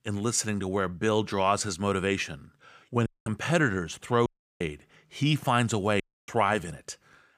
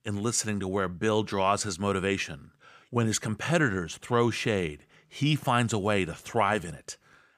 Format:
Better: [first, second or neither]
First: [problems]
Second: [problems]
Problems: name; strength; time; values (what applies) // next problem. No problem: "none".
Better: second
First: audio cutting out; at 3 s, at 4.5 s and at 6 s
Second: none